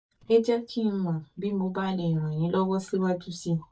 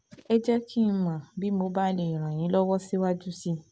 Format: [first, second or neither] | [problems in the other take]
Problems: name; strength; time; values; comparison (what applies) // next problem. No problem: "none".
second | noise reduction (neural mask model DeepFilterNet 3)